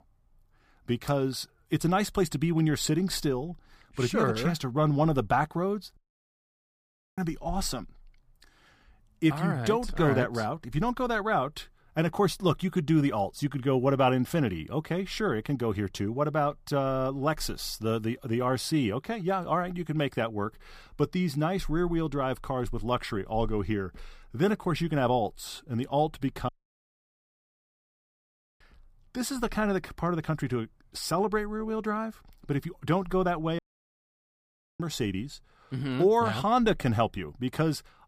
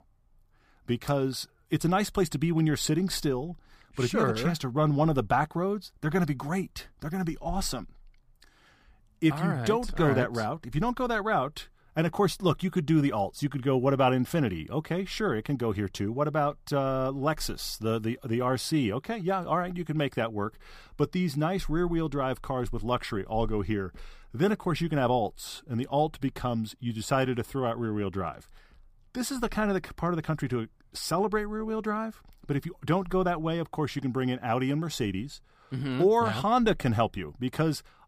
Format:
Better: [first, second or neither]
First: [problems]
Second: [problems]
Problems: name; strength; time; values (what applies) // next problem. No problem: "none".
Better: second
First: audio cutting out; at 6 s for 1 s, at 26 s for 2 s and at 34 s for 1 s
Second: none